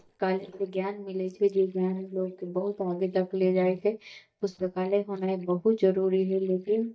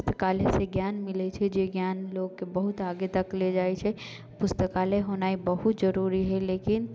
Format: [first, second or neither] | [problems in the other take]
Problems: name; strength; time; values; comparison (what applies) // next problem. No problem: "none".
second | noise reduction (neural mask model DeepFilterNet 3)